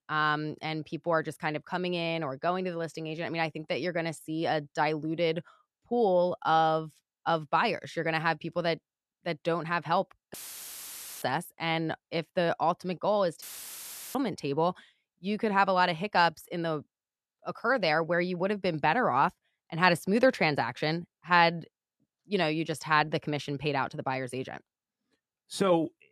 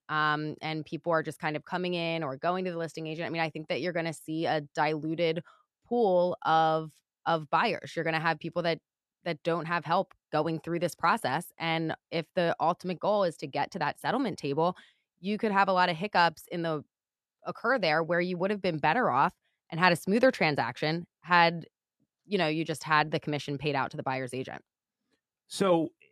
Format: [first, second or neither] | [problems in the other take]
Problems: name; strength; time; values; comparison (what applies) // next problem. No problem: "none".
second | audio cutting out; filled with static; at 10 s for 1 s and at 13 s for 0.5 s